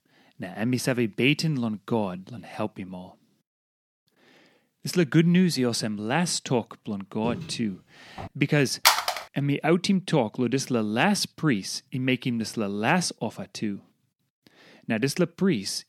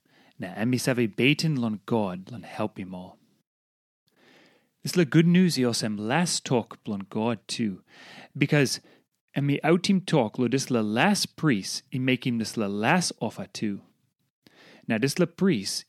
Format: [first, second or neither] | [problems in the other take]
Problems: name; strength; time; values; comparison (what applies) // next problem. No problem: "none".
second | footsteps; noticeable; from 7 to 8.5 s; peak 9 dB below the speech // phone ringing; loud; at 9 s; peak 6 dB above the speech